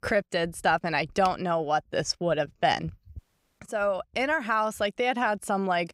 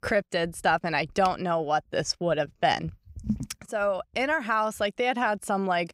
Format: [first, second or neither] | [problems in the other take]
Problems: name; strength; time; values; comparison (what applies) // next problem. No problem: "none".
second | audio cutting out; at 3 s